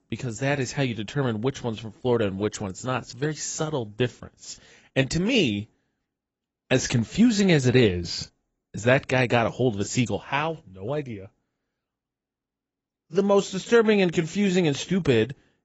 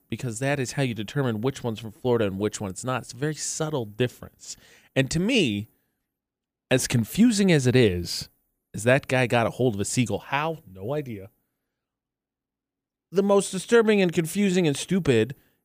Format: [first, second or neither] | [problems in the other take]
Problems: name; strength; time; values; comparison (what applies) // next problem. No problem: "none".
second | garbled, watery; badly; nothing above 7.5 kHz